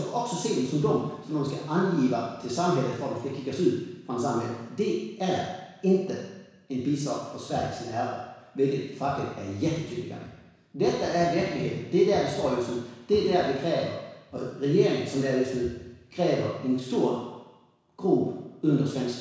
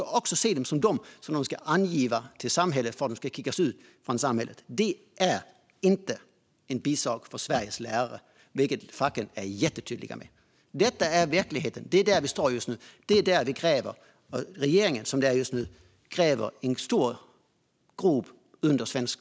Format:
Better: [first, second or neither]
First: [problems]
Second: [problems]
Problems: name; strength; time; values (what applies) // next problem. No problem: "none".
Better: second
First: room echo; dies away in 1.1 s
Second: none